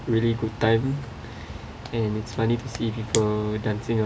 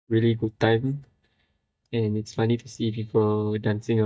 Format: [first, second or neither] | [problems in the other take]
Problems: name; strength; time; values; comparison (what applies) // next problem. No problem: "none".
first | noise reduction (neural mask model DeepFilterNet 3)